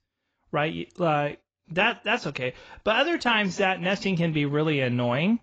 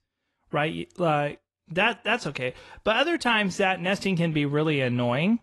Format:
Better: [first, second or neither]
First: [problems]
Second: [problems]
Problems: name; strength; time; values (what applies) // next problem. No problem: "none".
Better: second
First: garbled, watery; badly; nothing above 7.5 kHz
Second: garbled, watery; slightly; nothing above 11.5 kHz